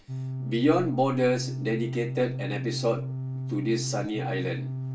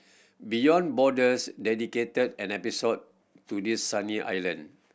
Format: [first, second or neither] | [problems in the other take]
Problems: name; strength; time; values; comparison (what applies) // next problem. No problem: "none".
second | background sound (Organ); 4 dB below the speech // room echo; dies away in 0.3 s